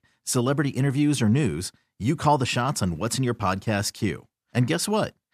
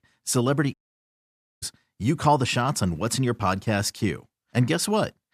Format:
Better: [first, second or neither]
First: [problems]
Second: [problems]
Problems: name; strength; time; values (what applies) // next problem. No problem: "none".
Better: first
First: none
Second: audio cutting out; at 0.5 s for 1 s